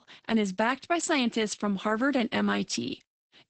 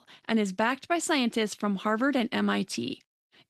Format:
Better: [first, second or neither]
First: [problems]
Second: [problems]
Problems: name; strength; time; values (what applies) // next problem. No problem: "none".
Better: second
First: garbled, watery; badly; nothing above 8 kHz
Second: garbled, watery; slightly; nothing above 13.5 kHz